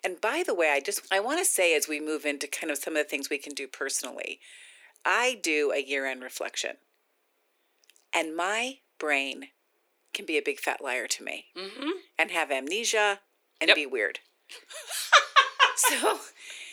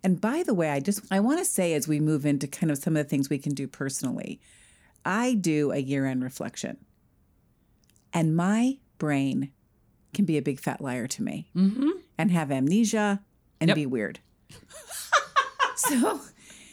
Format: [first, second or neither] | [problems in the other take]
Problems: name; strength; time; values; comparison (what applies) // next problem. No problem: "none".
second | thin; very; fading below 350 Hz